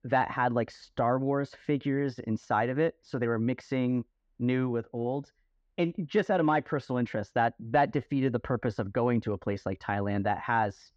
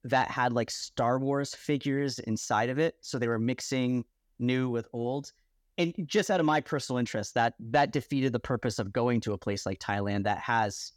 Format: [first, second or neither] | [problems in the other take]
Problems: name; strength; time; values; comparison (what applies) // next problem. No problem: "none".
second | muffled; very; fading above 2 kHz